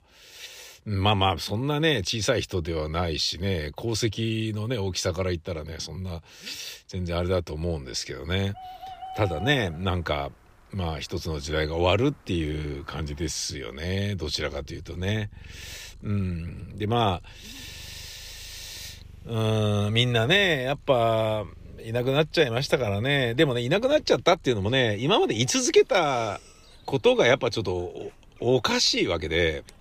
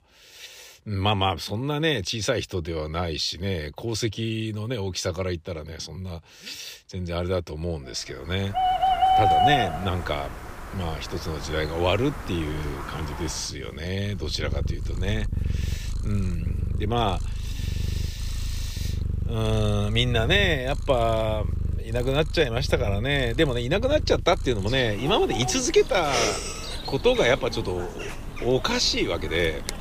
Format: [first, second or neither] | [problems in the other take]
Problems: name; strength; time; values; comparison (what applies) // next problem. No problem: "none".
first | animal sounds; loud; from 8.5 s on; 4 dB below the speech; faint in the first